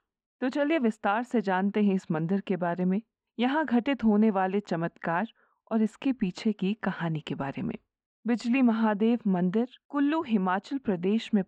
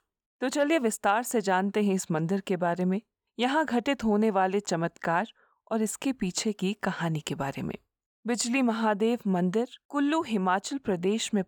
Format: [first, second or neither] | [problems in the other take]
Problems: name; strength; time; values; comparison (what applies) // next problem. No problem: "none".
second | muffled; slightly; fading above 2.5 kHz